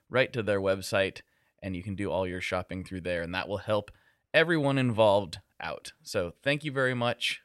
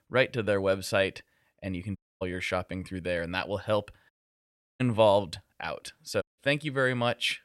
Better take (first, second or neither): first